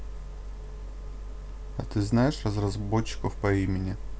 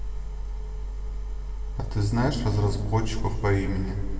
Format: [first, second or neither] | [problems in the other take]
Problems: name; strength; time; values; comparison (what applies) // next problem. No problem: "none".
first | room echo; dies away in 2.6 s